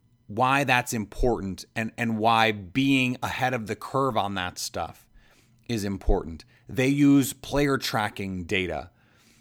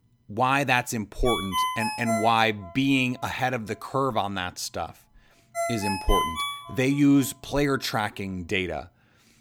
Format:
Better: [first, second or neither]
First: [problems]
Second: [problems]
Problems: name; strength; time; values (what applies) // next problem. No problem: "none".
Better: first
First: none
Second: phone ringing; loud; from 1.5 to 6.5 s; peak level with the speech